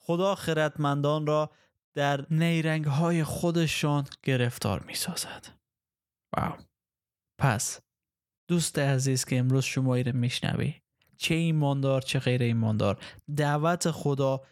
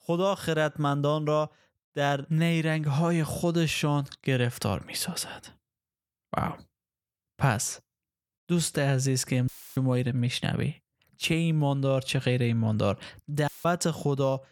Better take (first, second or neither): first